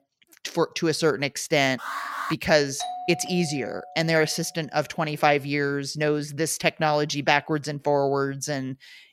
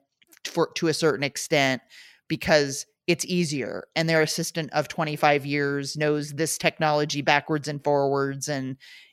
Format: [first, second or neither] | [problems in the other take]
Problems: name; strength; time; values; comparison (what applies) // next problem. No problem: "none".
second | alarm; noticeable; at 2 s; peak 6 dB below the speech // doorbell; noticeable; from 3 to 4.5 s; peak 9 dB below the speech